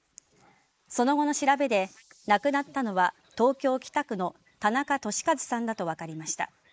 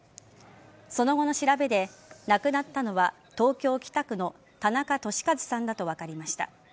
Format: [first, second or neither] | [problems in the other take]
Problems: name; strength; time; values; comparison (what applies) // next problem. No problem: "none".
second | noise reduction (neural mask model Resemble Enhance denoiser)